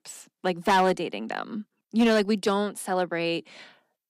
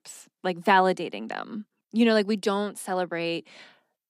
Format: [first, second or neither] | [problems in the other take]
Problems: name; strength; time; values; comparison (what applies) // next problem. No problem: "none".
second | distortion; slight; 4% of the sound clipped